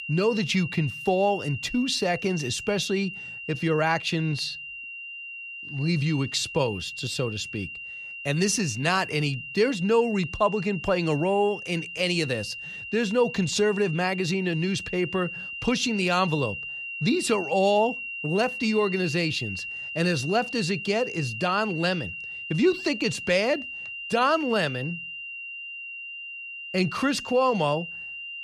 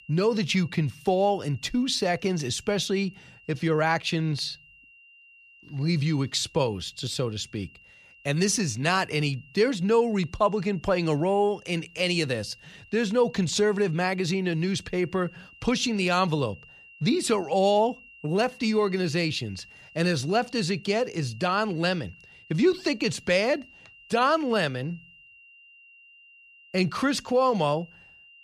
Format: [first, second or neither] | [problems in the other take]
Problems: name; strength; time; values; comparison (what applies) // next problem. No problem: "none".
second | high-pitched whine; loud; throughout; 3 kHz, 9 dB below the speech; faint in the second